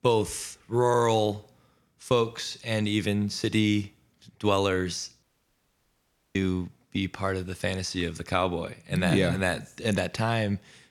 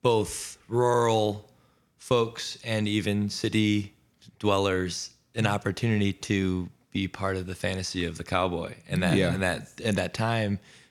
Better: second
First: audio cutting out; at 5 s for 1 s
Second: none

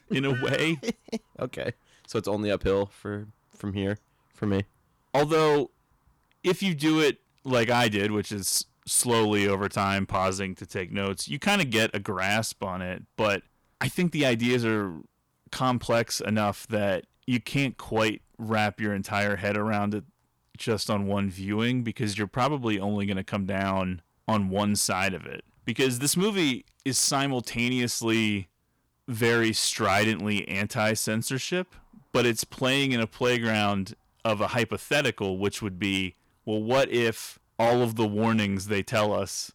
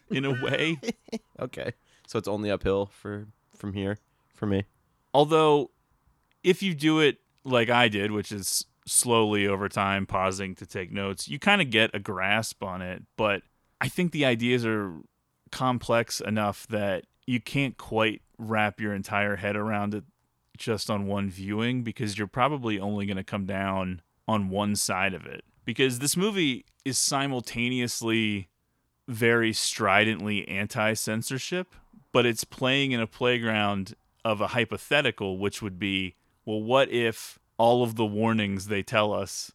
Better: second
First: distortion; slight; 4% of the sound clipped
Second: none

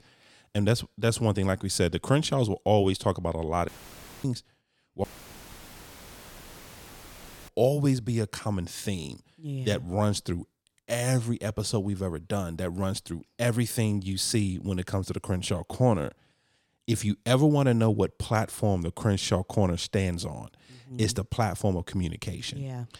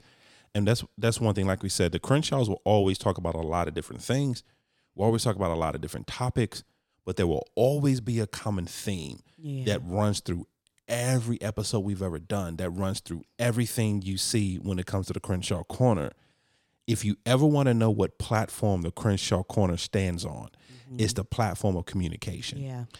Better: second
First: audio cutting out; filled with static; at 3.5 s for 0.5 s and at 5 s for 2.5 s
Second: none

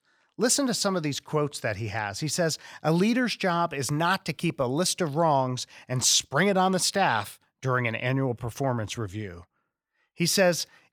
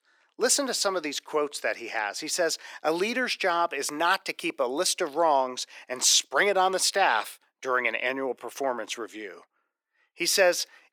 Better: first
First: none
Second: thin; somewhat; fading below 300 Hz

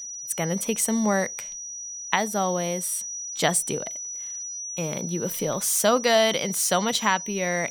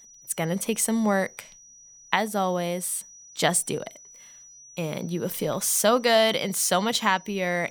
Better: second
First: high-pitched whine; loud; throughout; 6 kHz, 8 dB below the speech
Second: high-pitched whine; faint; throughout; 6 kHz, 20 dB below the speech

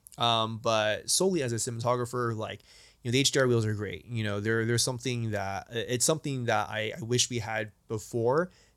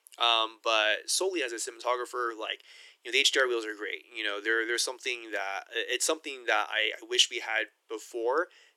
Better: first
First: none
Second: thin; very; fading below 300 Hz

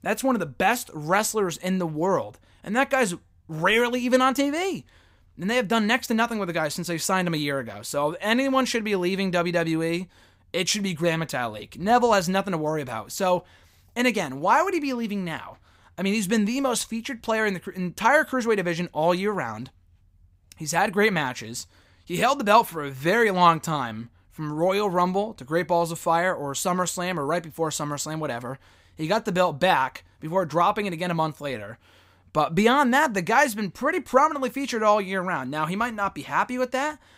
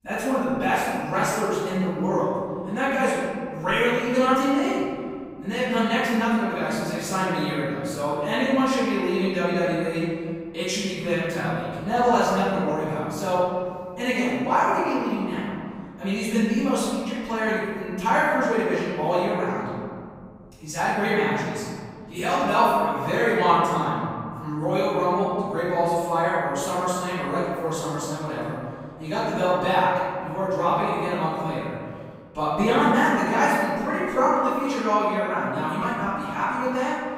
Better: first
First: none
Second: off-mic speech; far // room echo; strong; dies away in 2 s

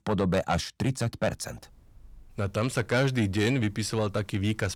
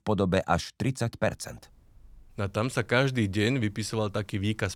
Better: second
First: distortion; slight; 10 dB below the speech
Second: none

